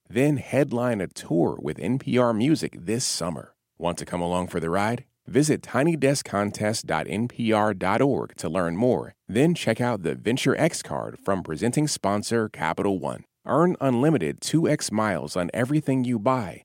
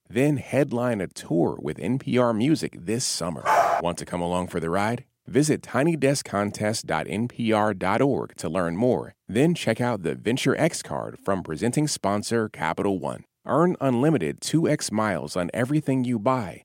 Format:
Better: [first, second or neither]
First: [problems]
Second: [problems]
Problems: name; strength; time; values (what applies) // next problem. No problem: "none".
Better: first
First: none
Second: dog barking; loud; at 3.5 s; peak 4 dB above the speech